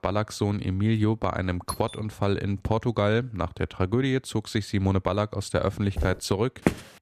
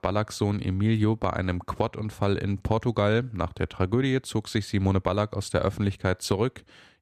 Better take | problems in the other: second | doorbell; faint; at 1.5 s; peak 10 dB below the speech // footsteps; noticeable; at 6 s and at 6.5 s; peak 1 dB below the speech

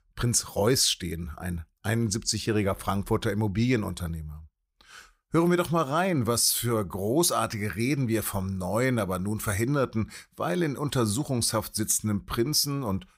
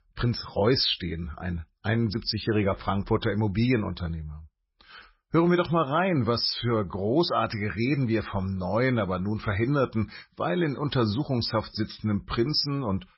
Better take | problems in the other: first | garbled, watery; badly; nothing above 5.5 kHz

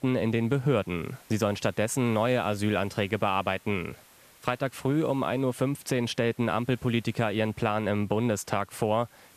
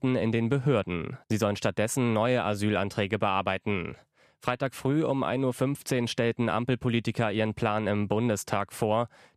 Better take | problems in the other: second | hiss; faint; throughout; 25 dB below the speech

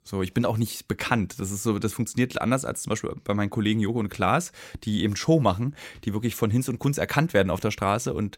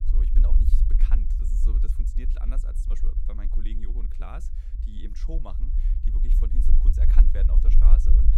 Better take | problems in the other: first | low rumble; loud; throughout; 1 dB below the speech

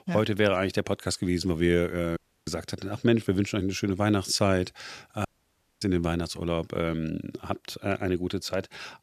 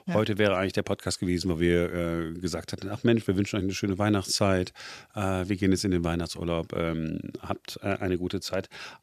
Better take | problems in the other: second | audio cutting out; at 2 s and at 5.5 s for 0.5 s

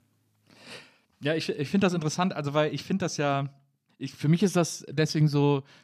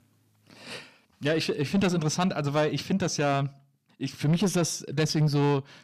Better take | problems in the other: first | distortion; slight; 10 dB below the speech

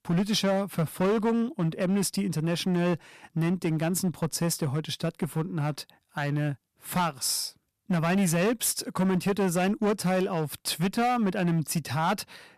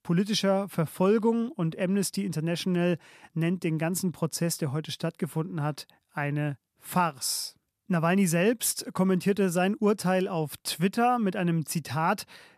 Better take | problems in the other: second | distortion; slight; 12% of the sound clipped

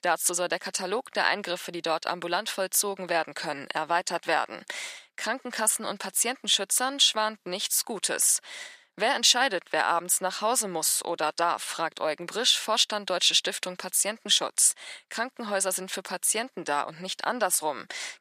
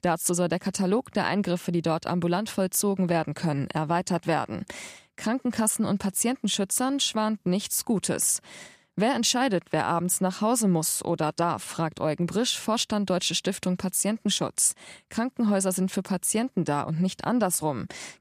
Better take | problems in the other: second | thin; very; fading below 550 Hz

